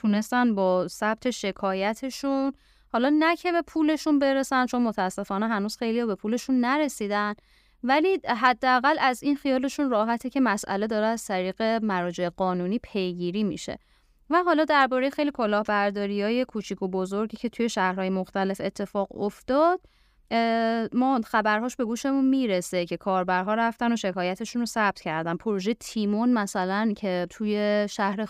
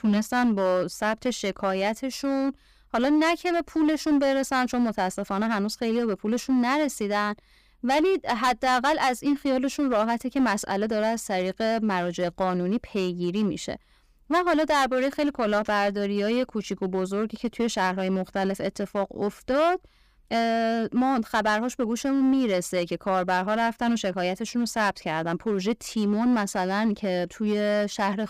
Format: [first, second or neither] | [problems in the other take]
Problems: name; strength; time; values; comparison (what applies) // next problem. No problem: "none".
first | distortion; slight; 7% of the sound clipped